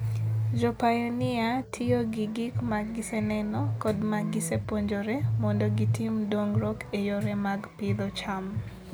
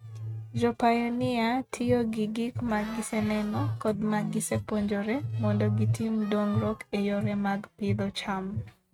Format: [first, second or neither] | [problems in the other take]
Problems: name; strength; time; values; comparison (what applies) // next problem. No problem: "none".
first | noise reduction (neural mask model RNNoise)